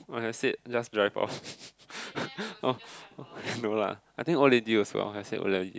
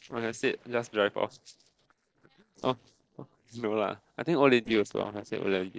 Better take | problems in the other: first | noise reduction (neural separator model SepFormer DNS4)

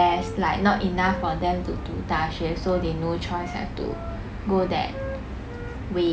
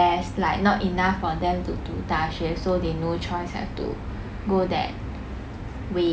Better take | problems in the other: second | background sound (Wind instrument, woodwind instrument); 16 dB below the speech

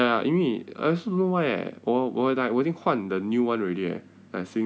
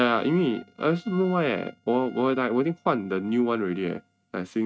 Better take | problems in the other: first | noise reduction (neural mask model RNNoise)

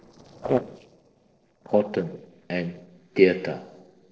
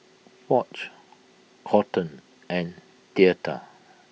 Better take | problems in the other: second | noise reduction (neural separator model SepFormer DNS4)

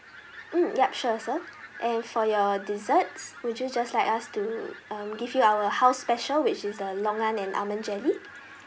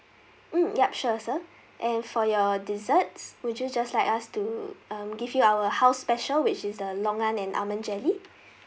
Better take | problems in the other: second | background sound (Fowl); 18 dB below the speech

